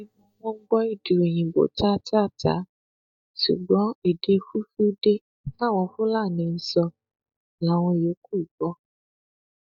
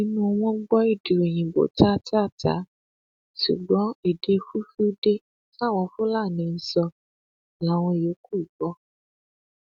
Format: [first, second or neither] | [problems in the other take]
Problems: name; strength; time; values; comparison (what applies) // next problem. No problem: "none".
second | noise reduction (neural mask model DeepFilterNet 3)